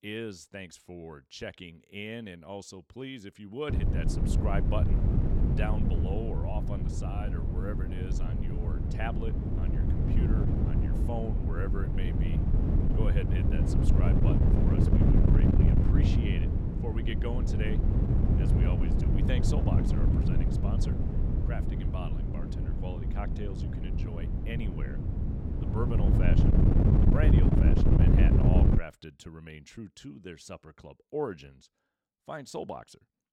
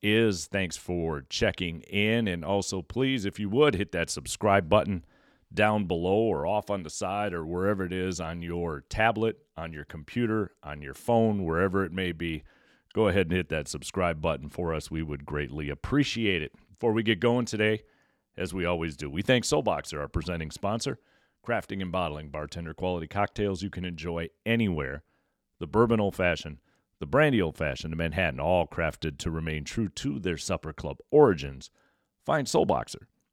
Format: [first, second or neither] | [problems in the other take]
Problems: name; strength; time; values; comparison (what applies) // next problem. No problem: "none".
second | wind noise on the microphone; heavy; from 3.5 to 29 s; 3 dB above the speech